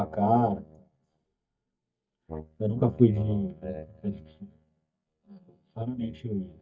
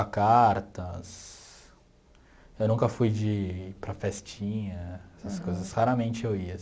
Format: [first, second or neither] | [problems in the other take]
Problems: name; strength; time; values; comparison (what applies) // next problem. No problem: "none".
second | noise reduction (neural mask model DeepFilterNet 3)